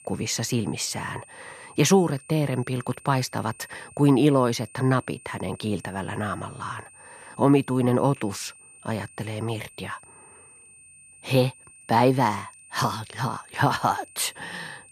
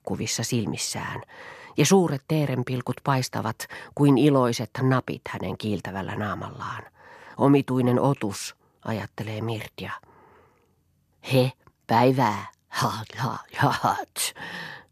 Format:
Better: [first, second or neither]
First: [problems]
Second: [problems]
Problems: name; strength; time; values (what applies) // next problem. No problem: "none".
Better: second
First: high-pitched whine; faint; throughout; 8.5 kHz, 20 dB below the speech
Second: none